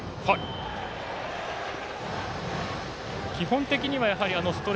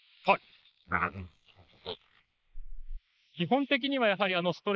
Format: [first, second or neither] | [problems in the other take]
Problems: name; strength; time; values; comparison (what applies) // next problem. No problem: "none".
first | noise reduction (neural mask model Resemble Enhance denoiser)